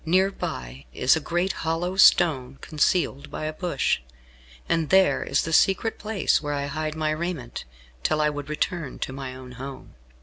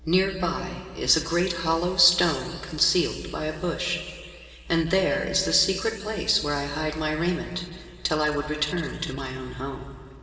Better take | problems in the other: first | room echo; dies away in 2.6 s

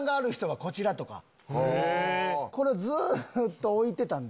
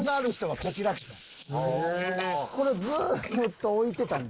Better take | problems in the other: first | noise reduction (neural mask model Resemble Enhance denoiser)

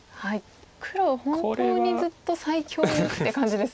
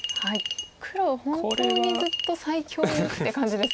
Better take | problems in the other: first | background sound (Chink, clink); 6 dB below the speech

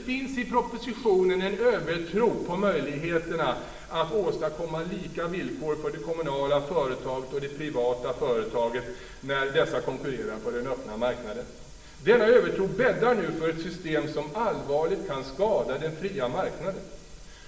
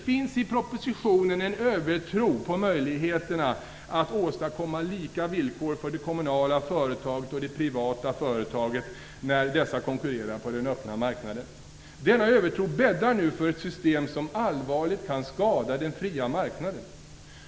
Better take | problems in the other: second | room echo; dies away in 0.9 s

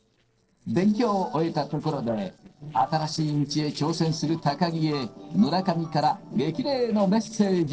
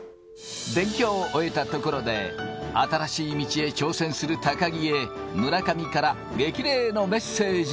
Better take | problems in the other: second | noise reduction (neural separator model SepFormer DNS4)

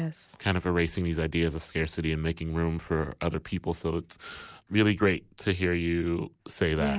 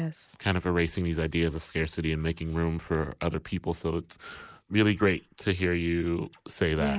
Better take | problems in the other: first | noise reduction (neural mask model Resemble Enhance denoiser)

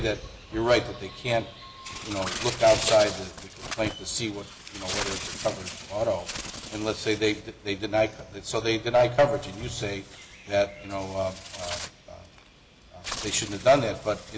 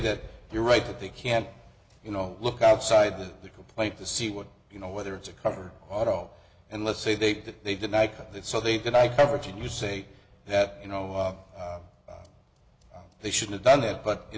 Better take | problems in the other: second | background sound (Bird); 11 dB below the speech

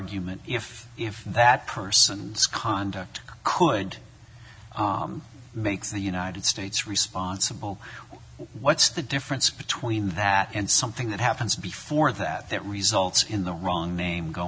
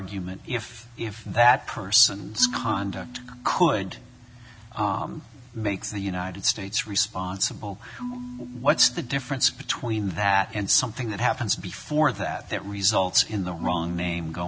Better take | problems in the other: first | background sound (Marimba, xylophone / Wood); 16 dB below the speech

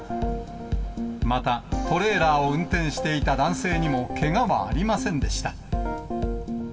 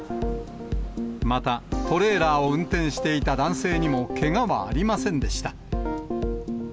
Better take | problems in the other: second | room echo; dies away in 2.1 s

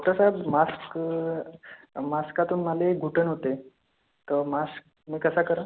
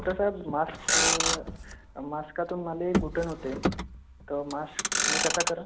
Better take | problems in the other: first | background sound (Motor vehicle (road)); 2 dB above the speech

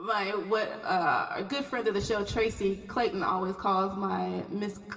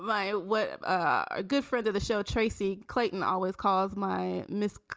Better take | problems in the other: second | room echo; dies away in 2.3 s

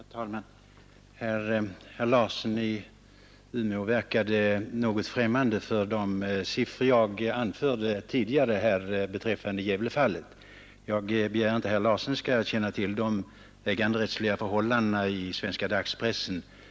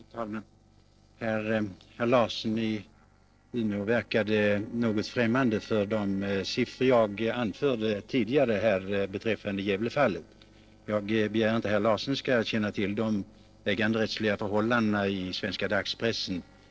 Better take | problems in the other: first | noise reduction (neural separator model SepFormer DNS4)

